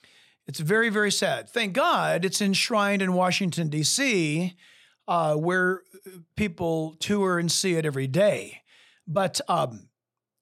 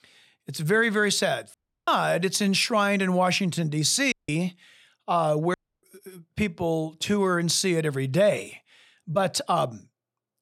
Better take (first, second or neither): first